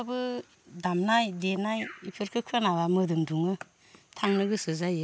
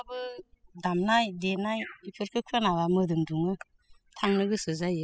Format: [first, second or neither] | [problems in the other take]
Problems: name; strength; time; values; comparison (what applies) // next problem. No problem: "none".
first | noise reduction (classical method spectral subtraction)